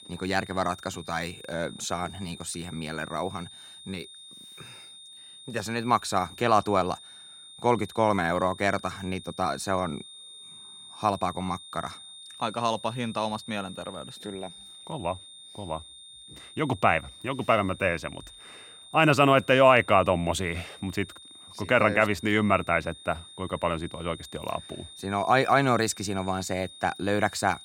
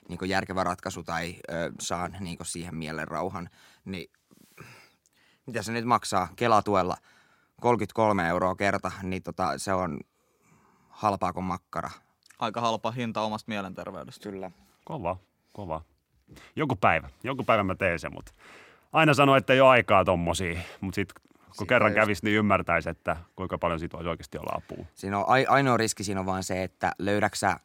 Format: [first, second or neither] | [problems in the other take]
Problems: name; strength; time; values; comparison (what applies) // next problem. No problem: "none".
second | high-pitched whine; noticeable; throughout; 3.5 kHz, 20 dB below the speech